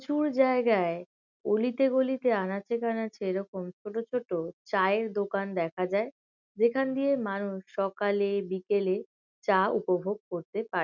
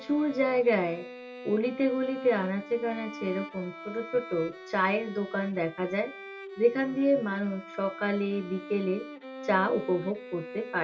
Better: first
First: none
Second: background sound (Bowed string instrument); 13 dB below the speech // room echo; dies away in 0.2 s

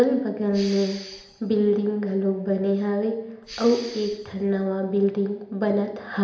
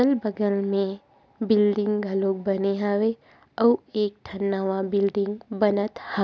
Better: second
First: background sound (Respiratory sounds); 17 dB below the speech // room echo; dies away in 0.8 s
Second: none

